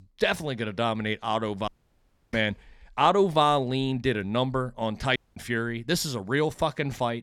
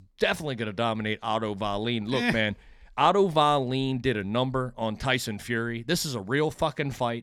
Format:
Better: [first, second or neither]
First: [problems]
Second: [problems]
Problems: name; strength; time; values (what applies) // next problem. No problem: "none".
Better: second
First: audio cutting out; at 1.5 s for 0.5 s and at 5 s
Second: none